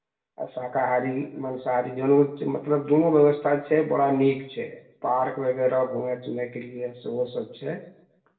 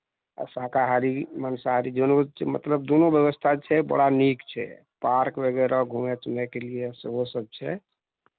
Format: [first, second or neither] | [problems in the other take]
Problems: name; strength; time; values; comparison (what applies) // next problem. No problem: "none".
second | room echo; dies away in 0.7 s